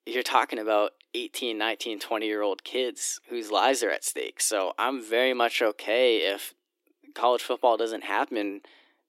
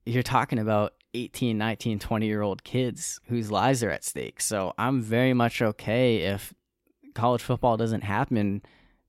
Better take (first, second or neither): second